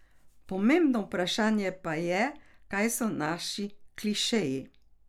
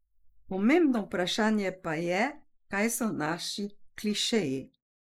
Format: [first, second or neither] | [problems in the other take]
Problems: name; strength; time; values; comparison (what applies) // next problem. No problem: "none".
first | noise reduction (neural mask model Resemble Enhance denoiser)